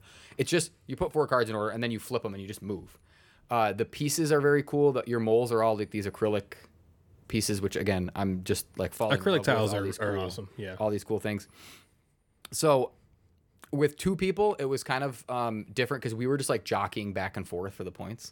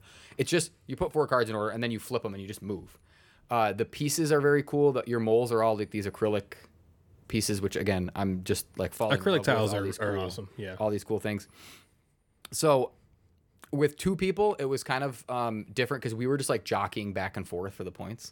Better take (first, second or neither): neither